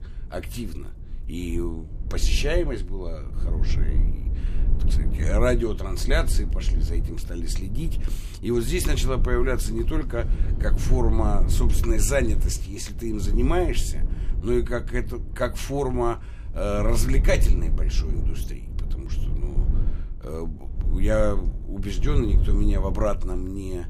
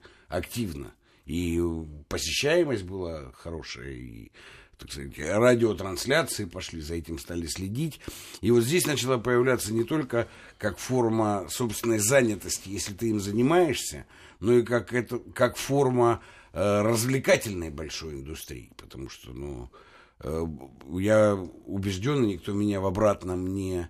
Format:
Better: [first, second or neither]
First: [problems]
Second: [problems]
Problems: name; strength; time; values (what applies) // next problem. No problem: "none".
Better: second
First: low rumble; noticeable; throughout; 15 dB below the speech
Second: none